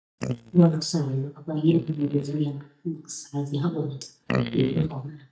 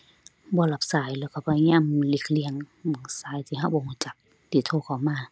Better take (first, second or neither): second